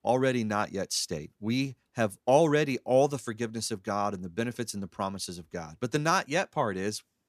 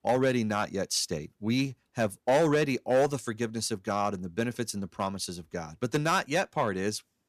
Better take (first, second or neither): first